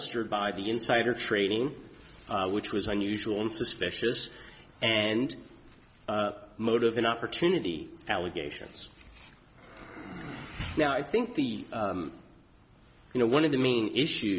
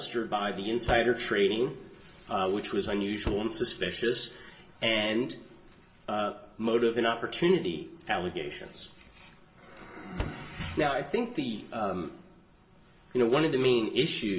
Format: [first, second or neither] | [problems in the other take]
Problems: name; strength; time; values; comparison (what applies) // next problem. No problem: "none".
first | background sound (Slam); 13 dB below the speech // room echo; dies away in 0.3 s